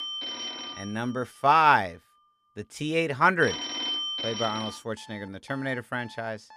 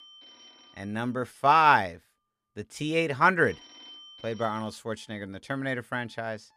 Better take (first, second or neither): second